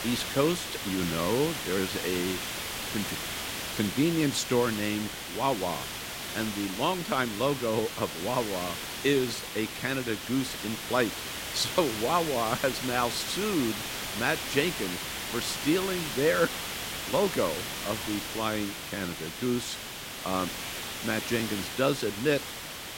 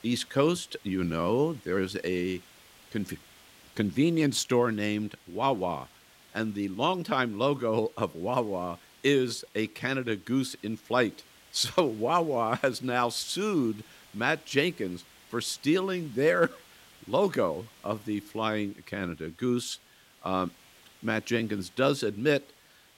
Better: second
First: hiss; loud; throughout; 4 dB below the speech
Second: hiss; faint; throughout; 25 dB below the speech

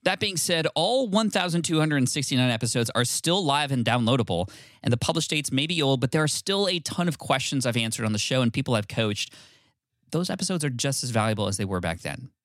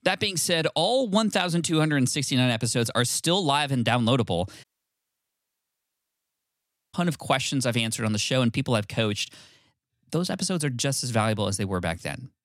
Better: first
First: none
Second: audio cutting out; at 4.5 s for 2.5 s

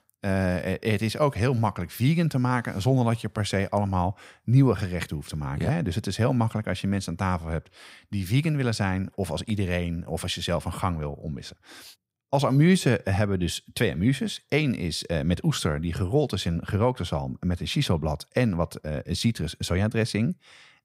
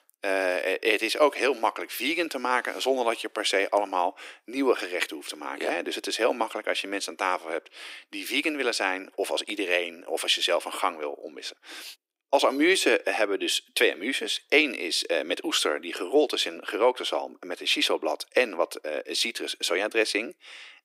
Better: first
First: none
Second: thin; very; fading below 300 Hz

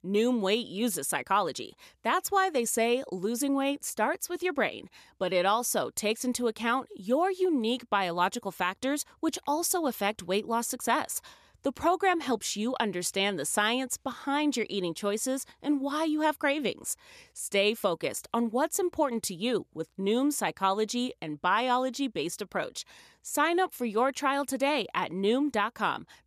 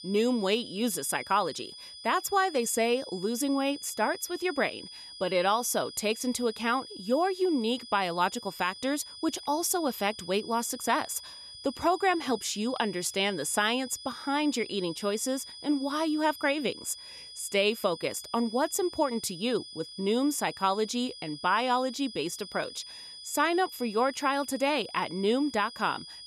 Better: first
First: none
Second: high-pitched whine; noticeable; throughout; 5 kHz, 15 dB below the speech

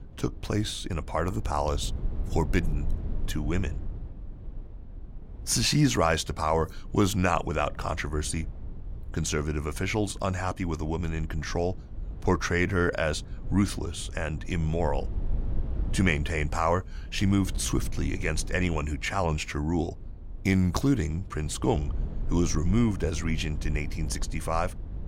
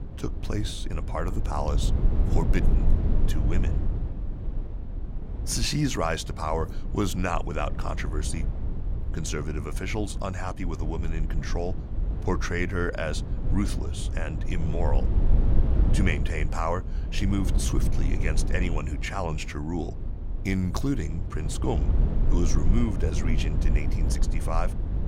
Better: first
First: low rumble; faint; throughout; 20 dB below the speech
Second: low rumble; loud; throughout; 9 dB below the speech

